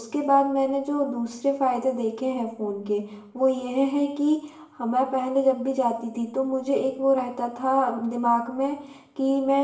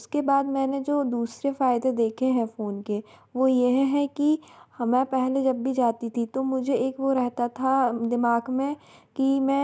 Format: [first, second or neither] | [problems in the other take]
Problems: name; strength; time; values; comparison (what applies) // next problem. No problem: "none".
second | room echo; dies away in 0.7 s